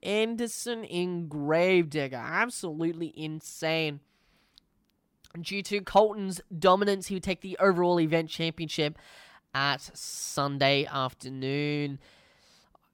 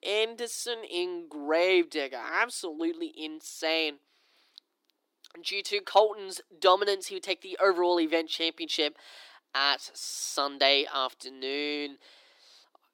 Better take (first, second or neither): first